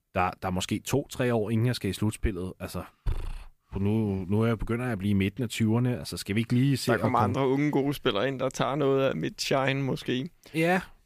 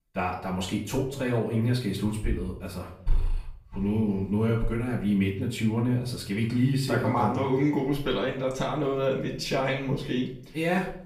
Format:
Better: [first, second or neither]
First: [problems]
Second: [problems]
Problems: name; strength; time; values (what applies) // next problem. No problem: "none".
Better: first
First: none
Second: off-mic speech; far // room echo; slight; dies away in 0.5 s